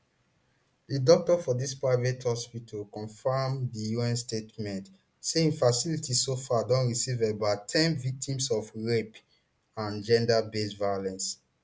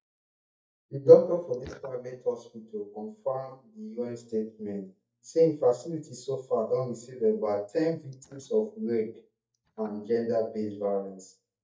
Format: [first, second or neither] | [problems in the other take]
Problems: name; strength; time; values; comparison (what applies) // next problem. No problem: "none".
first | noise reduction (neural mask model DeepFilterNet 3)